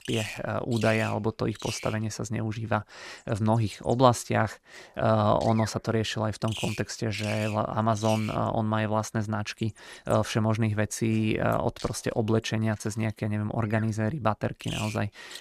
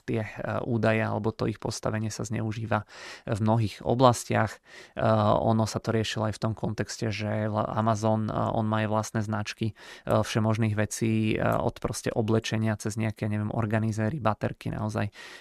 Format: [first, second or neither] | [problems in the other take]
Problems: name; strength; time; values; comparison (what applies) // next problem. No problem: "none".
second | animal sounds; noticeable; throughout; 15 dB below the speech